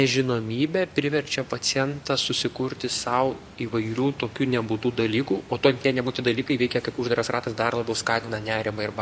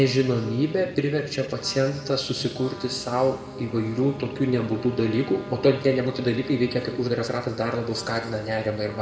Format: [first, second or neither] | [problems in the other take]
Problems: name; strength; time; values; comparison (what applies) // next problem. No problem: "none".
first | background sound (Trumpet); 18 dB below the speech // room echo; dies away in 1.7 s